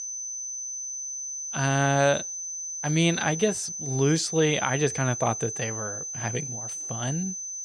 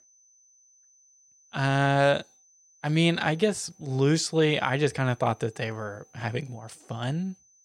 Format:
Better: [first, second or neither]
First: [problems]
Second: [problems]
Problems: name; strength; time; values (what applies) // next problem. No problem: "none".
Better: second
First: high-pitched whine; loud; throughout; 6 kHz, 5 dB below the speech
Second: high-pitched whine; faint; throughout; 6 kHz, 30 dB below the speech